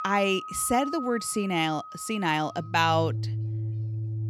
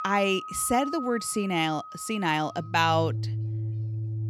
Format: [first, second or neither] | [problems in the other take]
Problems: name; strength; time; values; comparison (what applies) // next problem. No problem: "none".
neither | background music; loud; throughout; 8 dB below the speech; the same in both